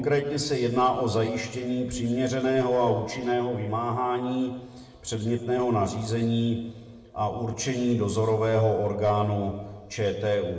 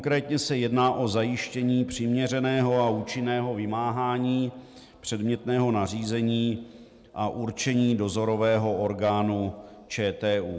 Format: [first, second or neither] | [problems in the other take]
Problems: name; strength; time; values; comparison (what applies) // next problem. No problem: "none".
second | room echo; dies away in 1 s